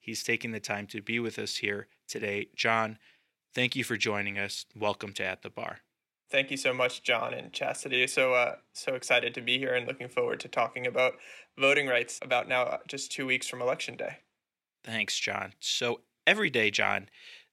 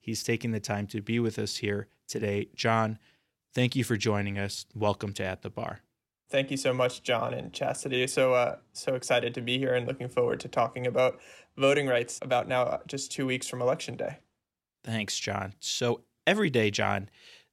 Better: second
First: thin; very slightly; fading below 600 Hz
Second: none

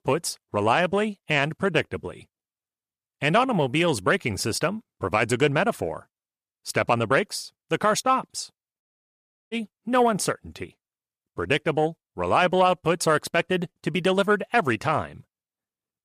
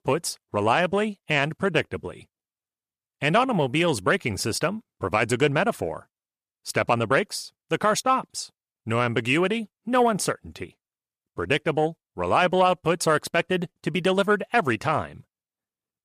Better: second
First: audio cutting out; at 9 s for 0.5 s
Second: none

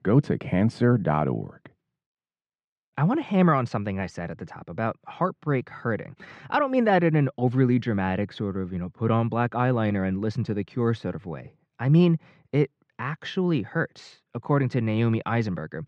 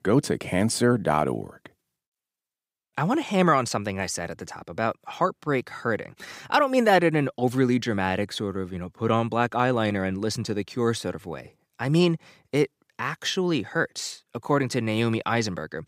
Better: second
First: muffled; slightly; fading above 2.5 kHz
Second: none

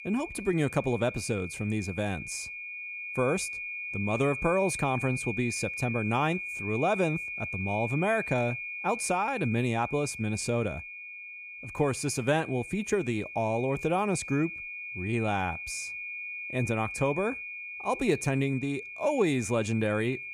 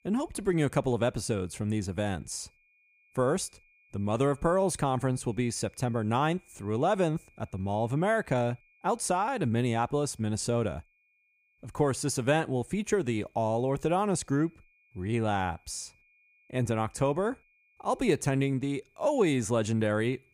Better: second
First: high-pitched whine; loud; throughout; 2.5 kHz, 7 dB below the speech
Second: high-pitched whine; faint; throughout; 2.5 kHz, 35 dB below the speech

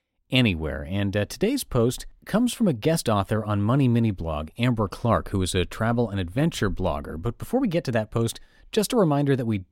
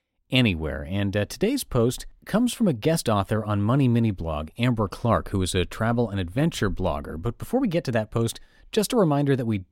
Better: neither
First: none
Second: none

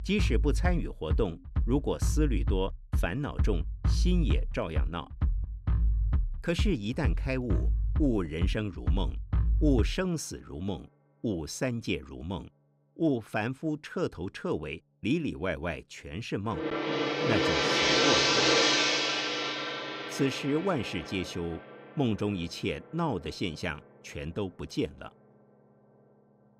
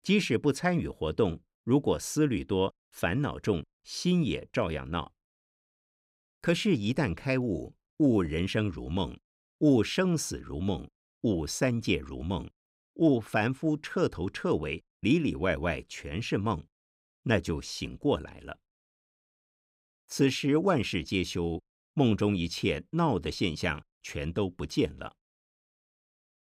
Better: second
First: background music; very loud; throughout; 4 dB above the speech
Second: none

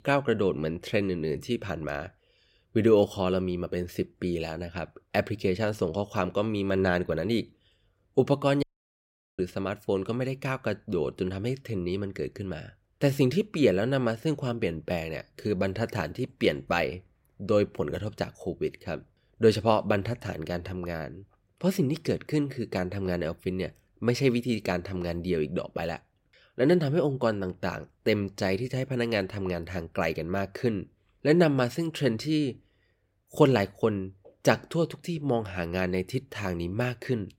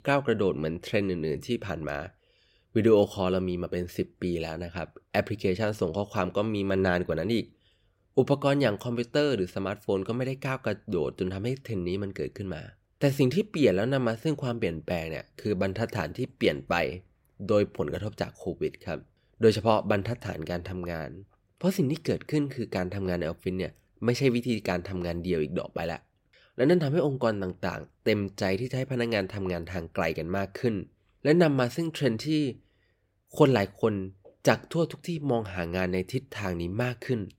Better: second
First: audio cutting out; at 8.5 s for 1 s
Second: none

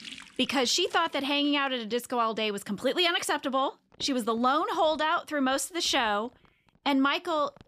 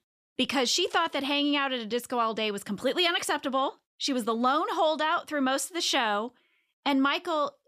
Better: second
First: household noises; faint; throughout; 25 dB below the speech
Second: none

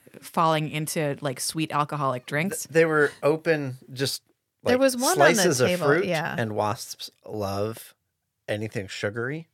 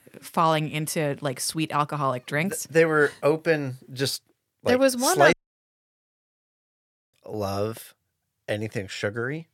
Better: first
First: none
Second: audio cutting out; at 5.5 s for 2 s

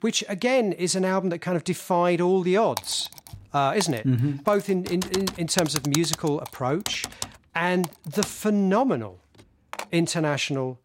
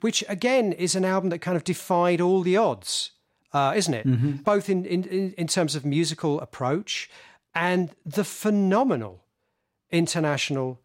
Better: second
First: keyboard typing; noticeable; from 3 to 10 s; peak 4 dB below the speech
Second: none

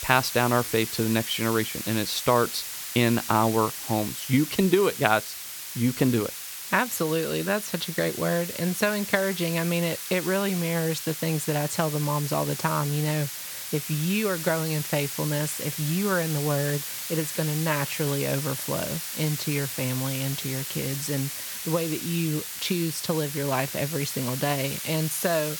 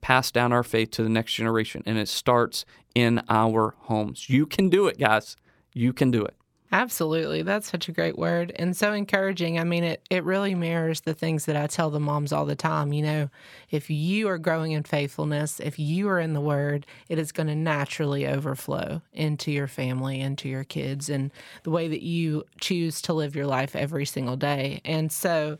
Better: second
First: hiss; loud; throughout; 5 dB below the speech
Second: none

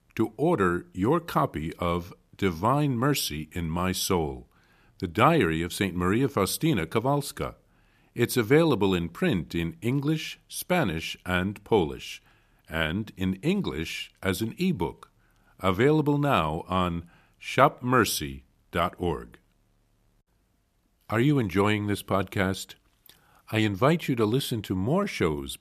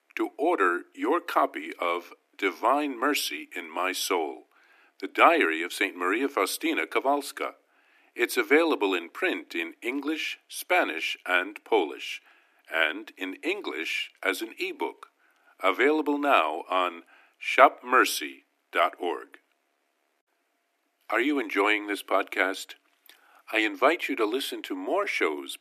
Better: first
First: none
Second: thin; somewhat; fading below 300 Hz

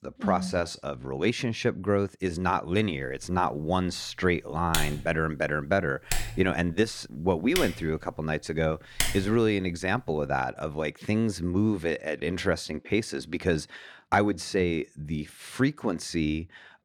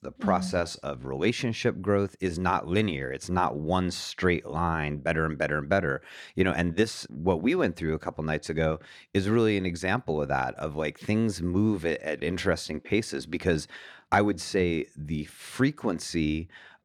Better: second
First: keyboard typing; noticeable; from 4.5 to 9.5 s; peak 1 dB below the speech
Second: none

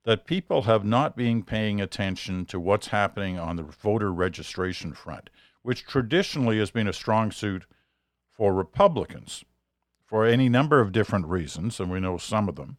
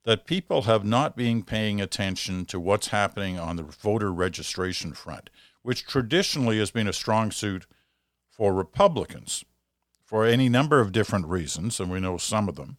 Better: second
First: muffled; slightly; fading above 4 kHz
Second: none

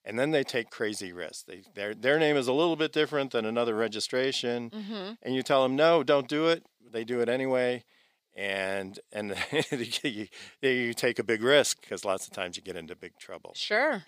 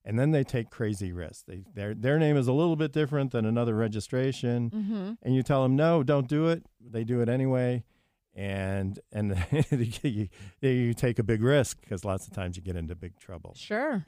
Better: second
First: thin; somewhat; fading below 400 Hz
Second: none

